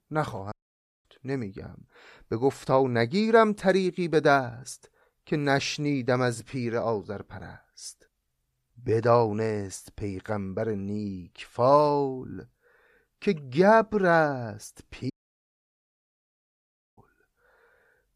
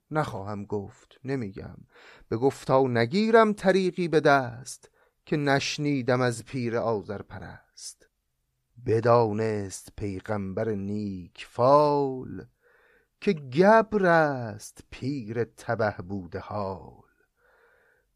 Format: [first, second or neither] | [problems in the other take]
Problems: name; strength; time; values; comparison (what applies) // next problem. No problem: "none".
second | audio cutting out; at 0.5 s for 0.5 s and at 15 s for 2 s